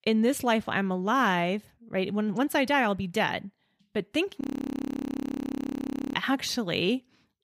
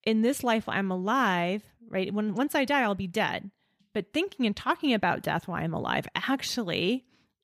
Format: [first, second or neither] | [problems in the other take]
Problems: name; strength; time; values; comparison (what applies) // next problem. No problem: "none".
second | audio freezing; at 4.5 s for 1.5 s